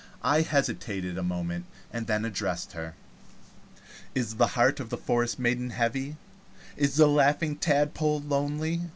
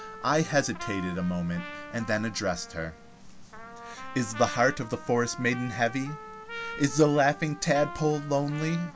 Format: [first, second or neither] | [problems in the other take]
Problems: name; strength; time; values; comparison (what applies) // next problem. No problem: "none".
first | background sound (Trumpet); 14 dB below the speech